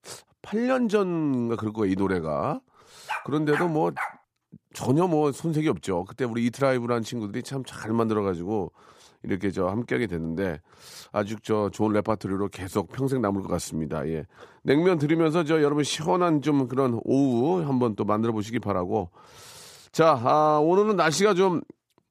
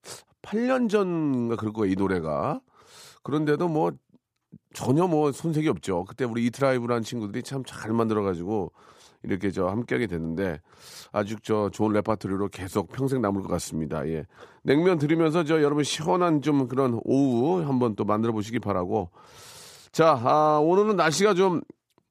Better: second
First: dog barking; noticeable; from 3 to 4 s; peak 7 dB below the speech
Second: none

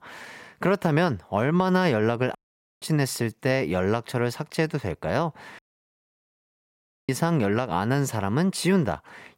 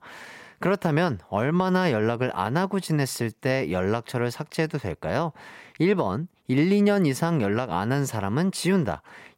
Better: second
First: audio cutting out; at 2.5 s and at 5.5 s for 1.5 s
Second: none

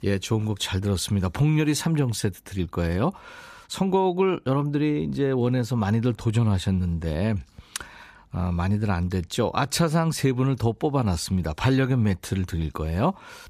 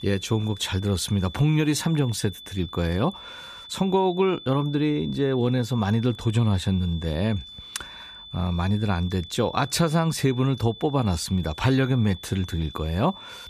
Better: first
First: none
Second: high-pitched whine; noticeable; throughout; 3.5 kHz, 15 dB below the speech

